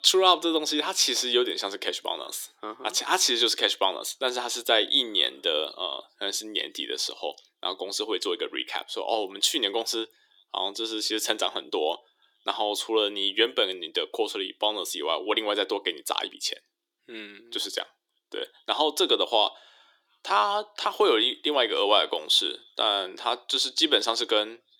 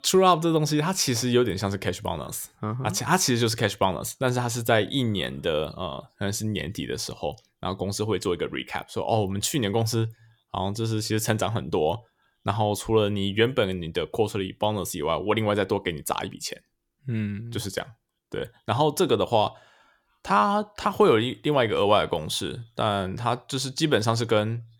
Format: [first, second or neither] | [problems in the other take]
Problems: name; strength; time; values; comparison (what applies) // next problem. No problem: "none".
second | thin; very; fading below 300 Hz